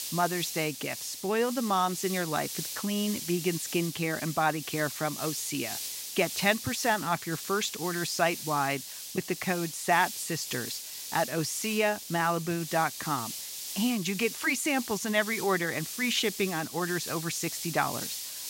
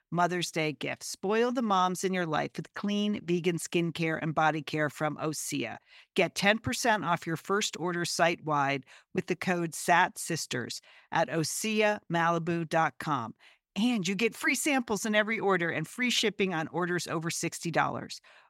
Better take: second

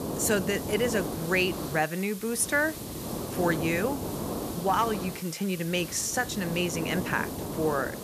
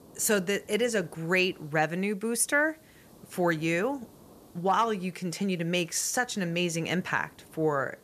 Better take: second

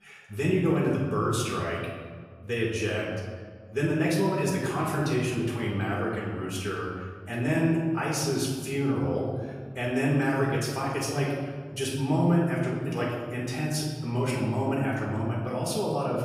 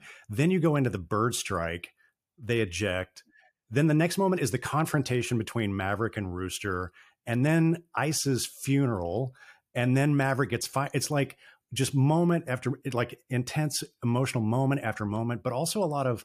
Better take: second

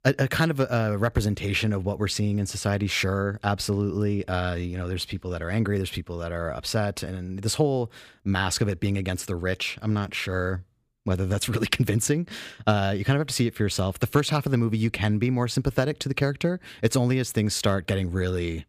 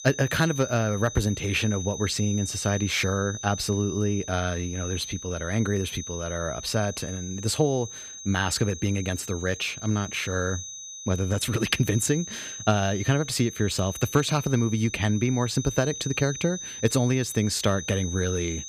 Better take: first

